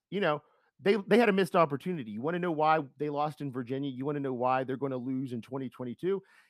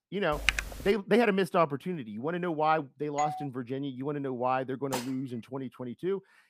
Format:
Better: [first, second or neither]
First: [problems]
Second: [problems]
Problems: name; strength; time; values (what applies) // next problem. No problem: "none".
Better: first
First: none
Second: keyboard typing; loud; at 0.5 s; peak 2 dB above the speech // doorbell; noticeable; at 3 s; peak 6 dB below the speech // clattering dishes; noticeable; at 5 s; peak 7 dB below the speech